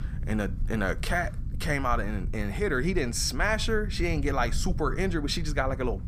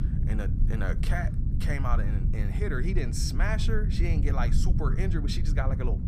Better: first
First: low rumble; faint; throughout; 20 dB below the speech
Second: low rumble; loud; throughout; 7 dB below the speech

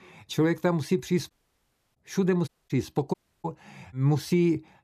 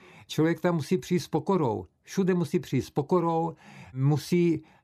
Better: second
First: audio cutting out; at 1.5 s for 0.5 s, at 2.5 s and at 3 s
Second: none

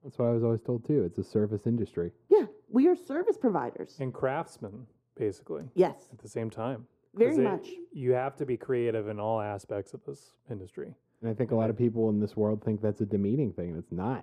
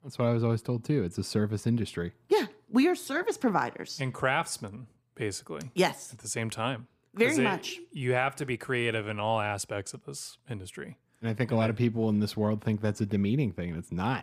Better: second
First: muffled; very; fading above 1.5 kHz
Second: none

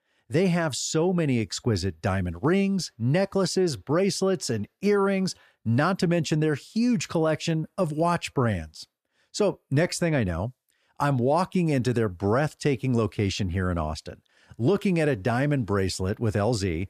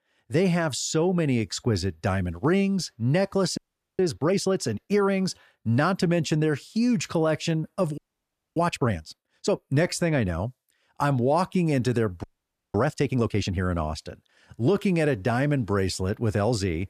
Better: first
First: none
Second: audio freezing; at 3.5 s, at 8 s for 0.5 s and at 12 s for 0.5 s

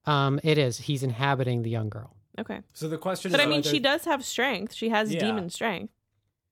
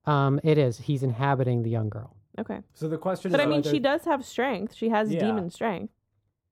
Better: first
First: none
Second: muffled; slightly; fading above 1.5 kHz

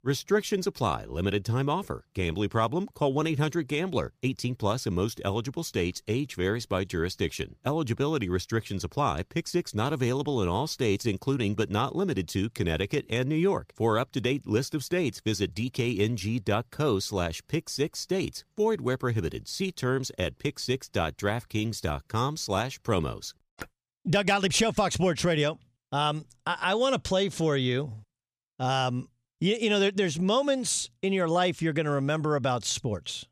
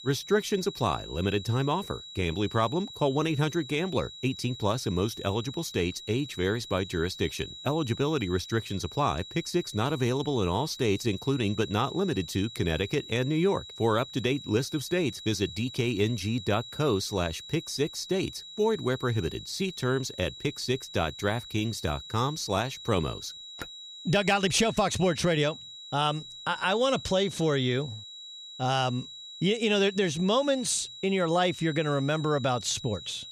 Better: first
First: none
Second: high-pitched whine; noticeable; throughout; 4 kHz, 15 dB below the speech

